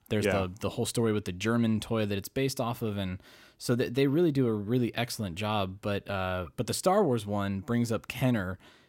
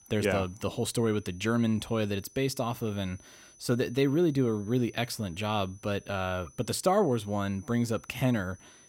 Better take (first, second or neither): first